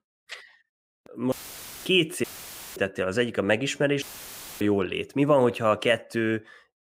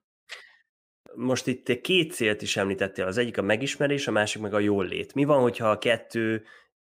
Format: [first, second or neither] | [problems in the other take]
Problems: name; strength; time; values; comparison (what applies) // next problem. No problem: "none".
second | audio cutting out; filled with static; at 1.5 s for 0.5 s, at 2 s for 0.5 s and at 4 s for 0.5 s